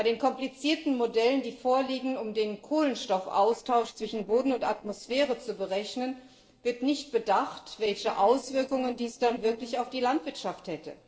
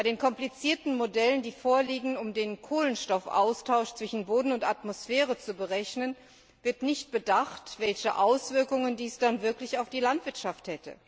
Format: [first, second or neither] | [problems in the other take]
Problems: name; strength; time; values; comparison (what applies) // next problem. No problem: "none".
second | noise reduction (neural separator model SepFormer DNS4)